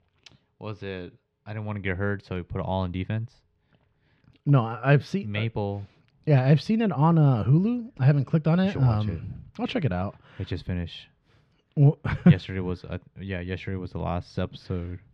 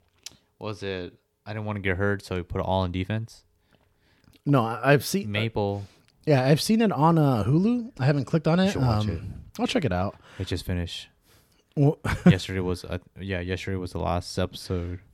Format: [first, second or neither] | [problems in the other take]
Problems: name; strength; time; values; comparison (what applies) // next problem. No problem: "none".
second | muffled; very slightly; fading above 3 kHz